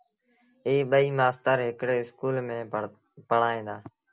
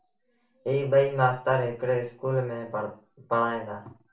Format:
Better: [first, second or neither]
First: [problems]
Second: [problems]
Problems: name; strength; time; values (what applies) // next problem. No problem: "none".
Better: first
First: none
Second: room echo; dies away in 0.3 s